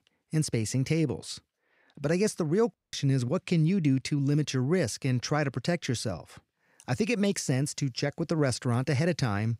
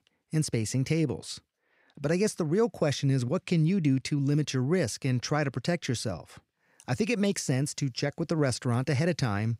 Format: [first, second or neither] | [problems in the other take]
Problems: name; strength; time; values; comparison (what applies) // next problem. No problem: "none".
second | audio cutting out; at 2.5 s